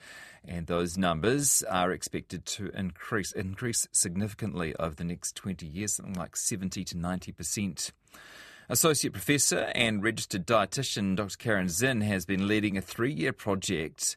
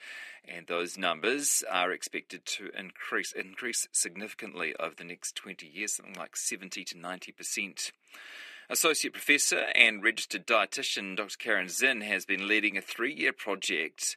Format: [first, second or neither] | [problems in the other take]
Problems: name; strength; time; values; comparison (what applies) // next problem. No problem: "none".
first | thin; somewhat; fading below 250 Hz